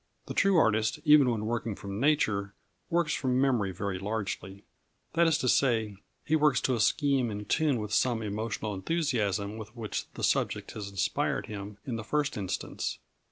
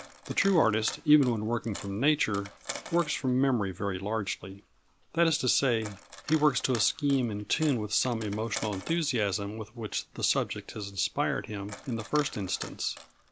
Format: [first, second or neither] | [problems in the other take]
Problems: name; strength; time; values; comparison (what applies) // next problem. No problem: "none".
first | background sound (Coin (dropping)); 17 dB below the speech